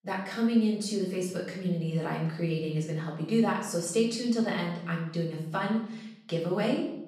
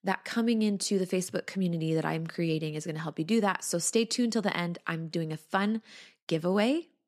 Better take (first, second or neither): second